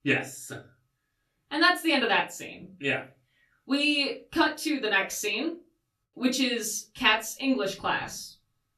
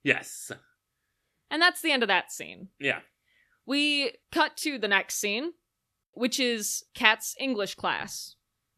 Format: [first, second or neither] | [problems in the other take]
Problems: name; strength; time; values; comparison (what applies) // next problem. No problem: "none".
second | off-mic speech; far // room echo; very slight; dies away in 0.2 s